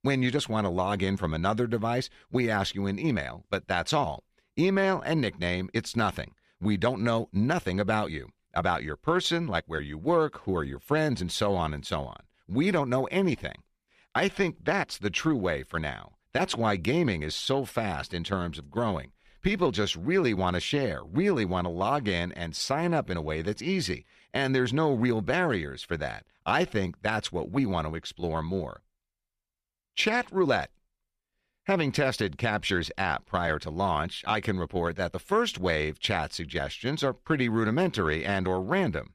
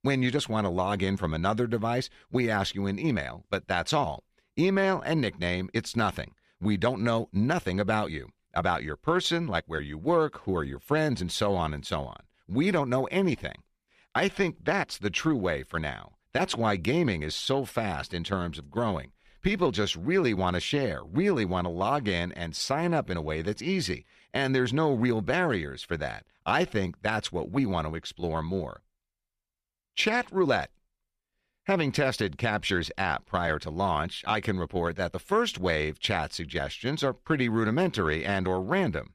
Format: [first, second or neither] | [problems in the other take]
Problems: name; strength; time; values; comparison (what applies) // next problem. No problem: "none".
neither | none